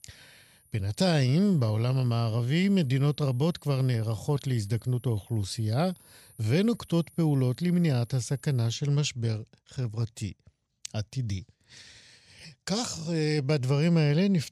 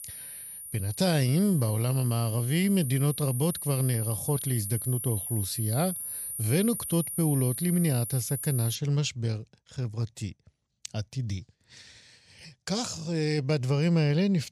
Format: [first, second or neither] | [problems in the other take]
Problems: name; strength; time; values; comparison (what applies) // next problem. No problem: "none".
first | high-pitched whine; loud; until 9 s; 10 kHz, 6 dB below the speech; faint in the first